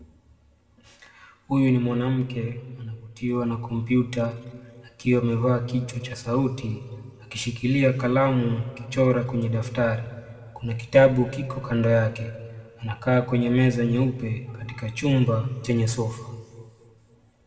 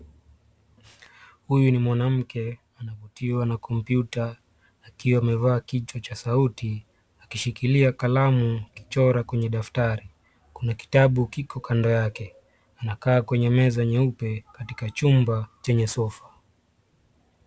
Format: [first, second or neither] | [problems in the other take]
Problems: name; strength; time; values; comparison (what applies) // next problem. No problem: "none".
second | room echo; dies away in 1.7 s